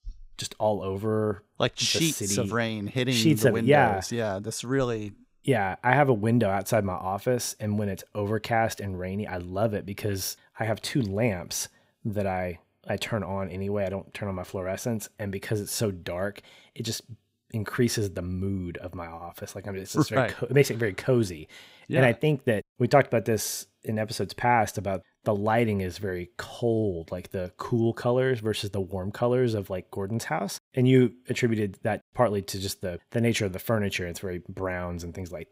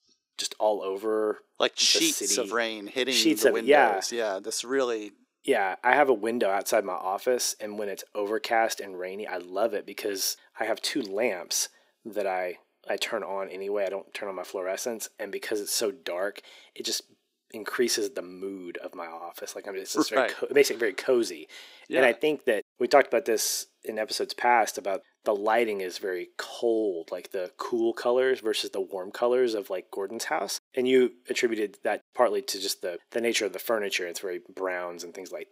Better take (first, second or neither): first